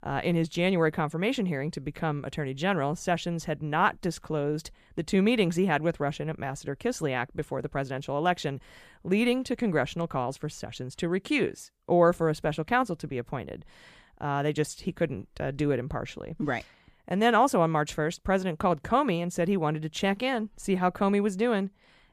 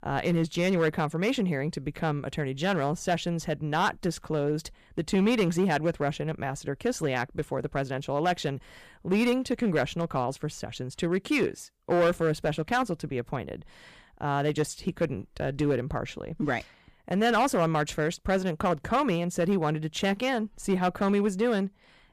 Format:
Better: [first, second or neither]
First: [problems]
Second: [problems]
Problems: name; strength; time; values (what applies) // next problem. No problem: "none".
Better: first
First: none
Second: distortion; slight; 4% of the sound clipped